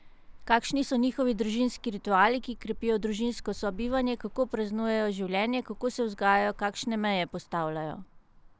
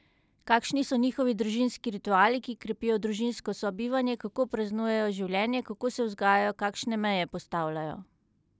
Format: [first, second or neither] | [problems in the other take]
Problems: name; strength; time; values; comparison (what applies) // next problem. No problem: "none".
second | background sound (Traffic noise, roadway noise); 17 dB below the speech